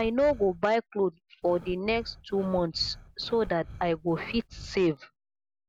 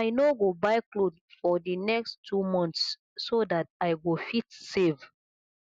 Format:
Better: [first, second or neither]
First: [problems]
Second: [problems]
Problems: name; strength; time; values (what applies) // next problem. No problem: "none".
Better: second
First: background sound (Breathing); 17 dB below the speech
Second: none